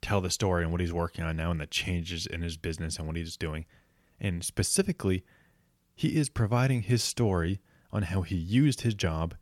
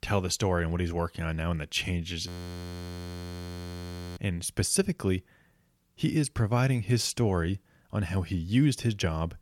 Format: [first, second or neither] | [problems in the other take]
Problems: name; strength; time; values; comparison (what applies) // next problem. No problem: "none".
first | audio freezing; at 2.5 s for 2 s